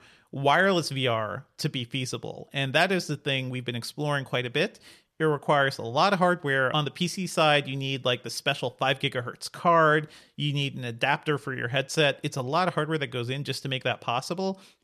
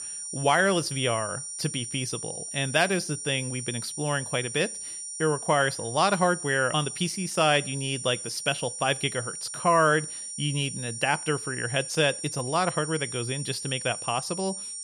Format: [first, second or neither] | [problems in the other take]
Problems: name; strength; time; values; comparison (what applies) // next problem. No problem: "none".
first | high-pitched whine; loud; throughout; 9 kHz, 7 dB below the speech